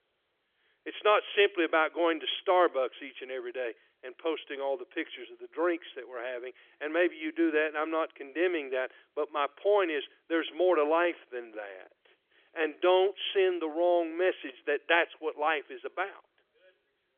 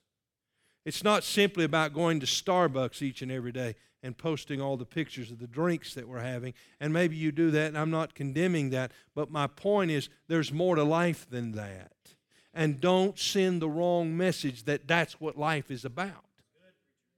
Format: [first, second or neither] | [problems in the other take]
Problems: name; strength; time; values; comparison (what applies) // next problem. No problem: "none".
second | phone-call audio; nothing above 3.5 kHz